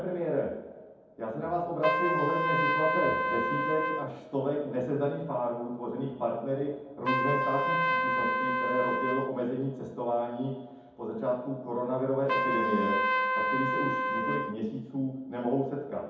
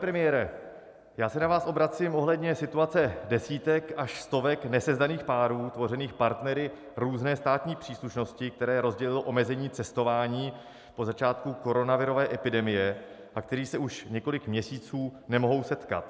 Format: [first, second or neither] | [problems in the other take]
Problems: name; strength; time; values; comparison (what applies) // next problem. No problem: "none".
second | background sound (Trumpet); as loud as the speech // room echo; dies away in 1.2 s